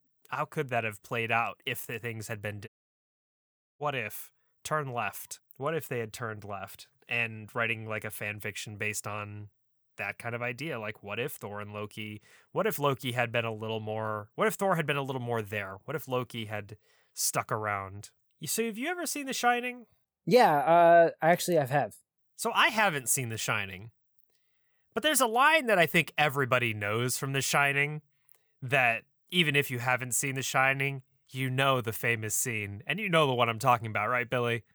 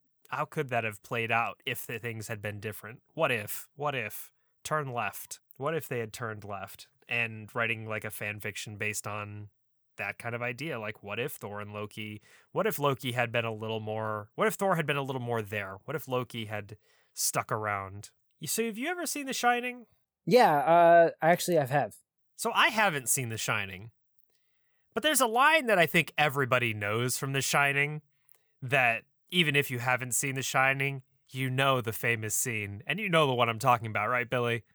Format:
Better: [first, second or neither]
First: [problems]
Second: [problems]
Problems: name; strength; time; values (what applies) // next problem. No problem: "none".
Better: second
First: audio cutting out; at 2.5 s for 1 s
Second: none